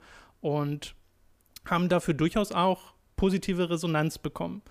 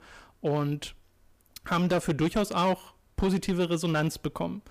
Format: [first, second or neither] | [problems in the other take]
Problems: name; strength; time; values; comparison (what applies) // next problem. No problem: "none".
first | distortion; slight; 7% of the sound clipped